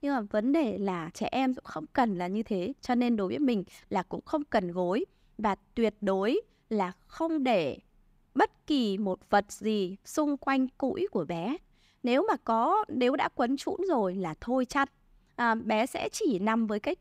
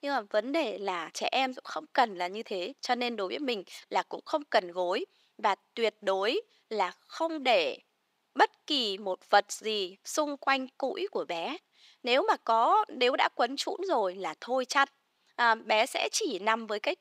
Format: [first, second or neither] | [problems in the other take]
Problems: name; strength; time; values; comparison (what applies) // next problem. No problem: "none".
first | thin; somewhat; fading below 550 Hz